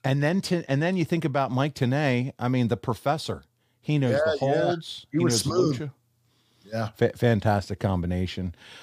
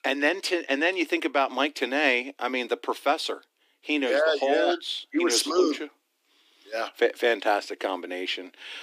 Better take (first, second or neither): first